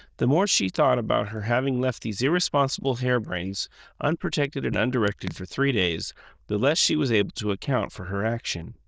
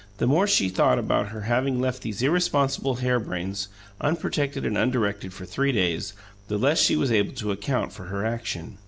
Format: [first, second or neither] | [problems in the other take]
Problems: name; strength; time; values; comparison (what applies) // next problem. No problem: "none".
second | noise reduction (neural diffusion model UNIVERSE++)